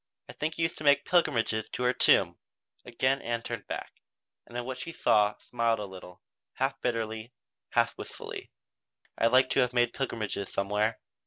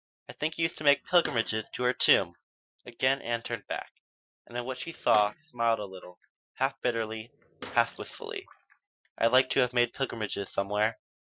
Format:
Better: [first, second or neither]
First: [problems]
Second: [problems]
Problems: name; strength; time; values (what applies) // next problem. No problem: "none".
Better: first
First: none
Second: noise reduction (classical method Wiener filter)